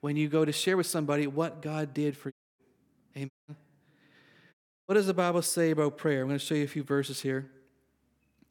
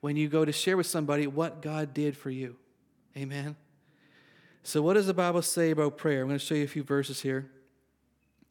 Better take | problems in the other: second | audio cutting out; at 2.5 s, at 3.5 s and at 4.5 s

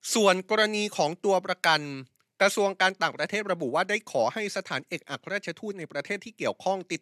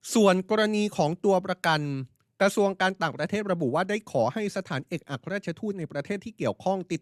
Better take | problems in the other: second | thin; very slightly; fading below 500 Hz

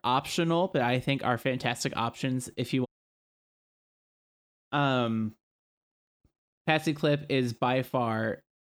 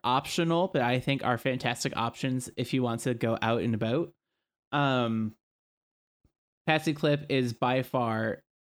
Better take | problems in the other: second | audio cutting out; at 3 s for 2 s

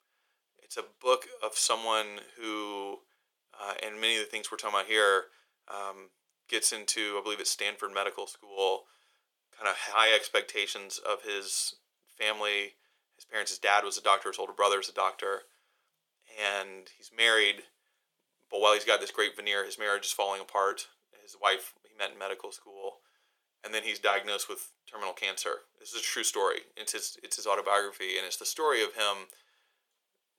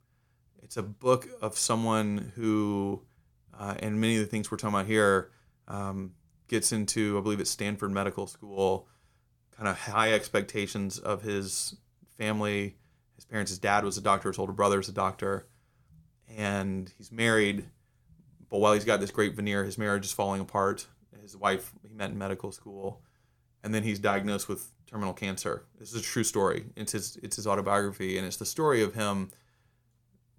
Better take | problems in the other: second | thin; very; fading below 450 Hz

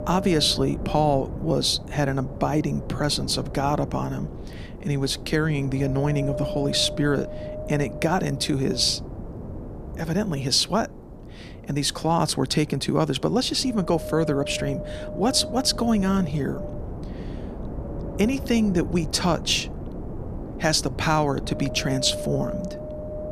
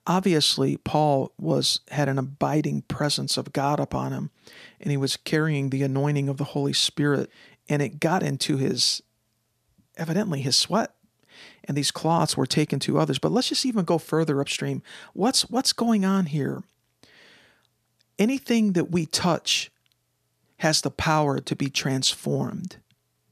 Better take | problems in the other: second | wind noise on the microphone; occasional gusts; 10 dB below the speech

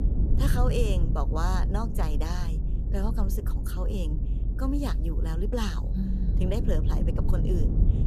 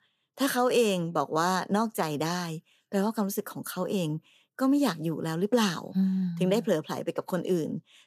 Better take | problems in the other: second | low rumble; loud; throughout; 7 dB below the speech

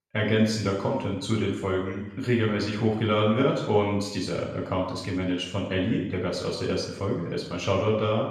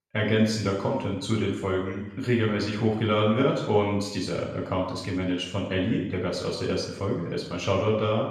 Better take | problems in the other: neither | room echo; noticeable; dies away in 0.8 s; the same in both // off-mic speech; far; the same in both

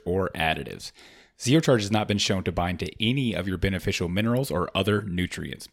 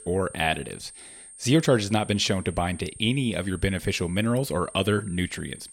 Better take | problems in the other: first | high-pitched whine; noticeable; throughout; 8.5 kHz, 20 dB below the speech

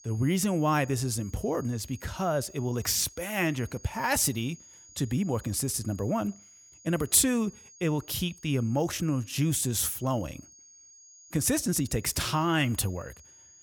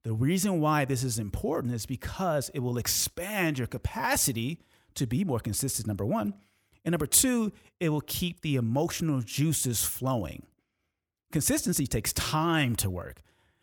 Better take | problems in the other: second | high-pitched whine; faint; throughout; 6.5 kHz, 20 dB below the speech

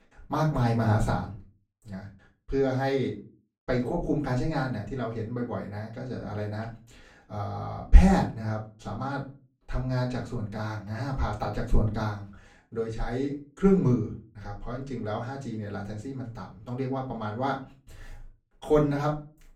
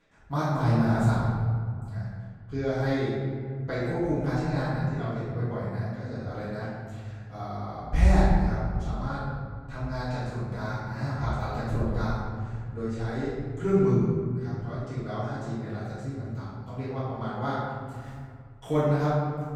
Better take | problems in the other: first | room echo; strong; dies away in 2.1 s; slight in the first // off-mic speech; far; far in the first

